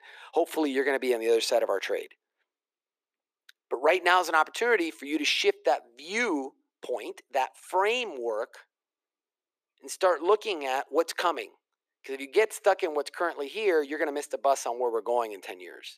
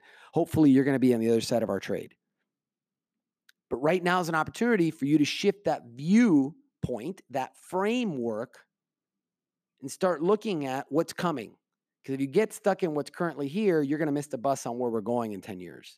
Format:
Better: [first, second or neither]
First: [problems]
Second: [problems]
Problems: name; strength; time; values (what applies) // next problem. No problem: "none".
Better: second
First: thin; very; fading below 400 Hz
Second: none